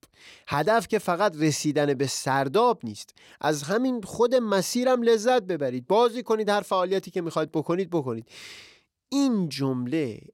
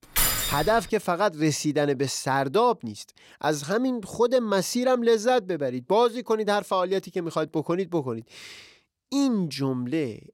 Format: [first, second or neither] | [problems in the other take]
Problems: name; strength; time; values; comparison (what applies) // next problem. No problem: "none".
first | jangling keys; loud; at the start; peak 3 dB above the speech